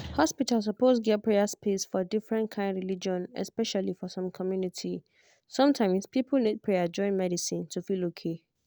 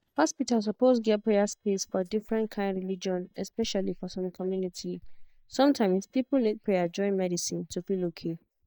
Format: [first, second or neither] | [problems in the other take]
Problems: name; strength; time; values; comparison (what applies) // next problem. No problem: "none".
first | noise reduction (neural mask model DeepFilterNet 3)